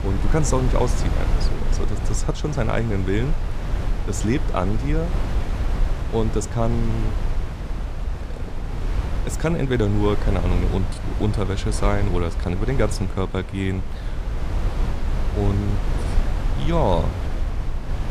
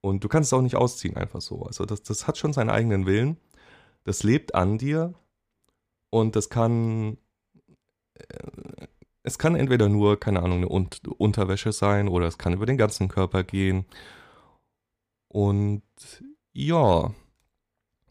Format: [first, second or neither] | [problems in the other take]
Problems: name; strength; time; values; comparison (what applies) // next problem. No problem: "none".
second | wind noise on the microphone; heavy; 8 dB below the speech